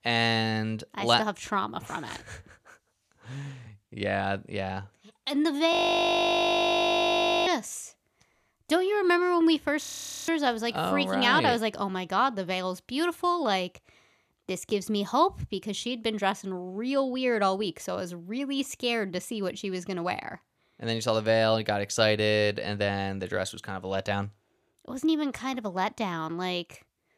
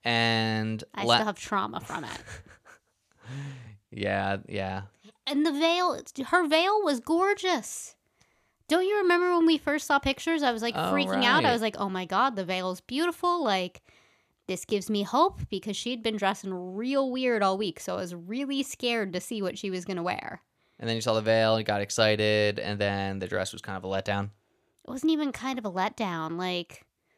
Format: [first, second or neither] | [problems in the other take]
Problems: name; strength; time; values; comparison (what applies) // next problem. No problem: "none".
second | audio freezing; at 5.5 s for 1.5 s and at 10 s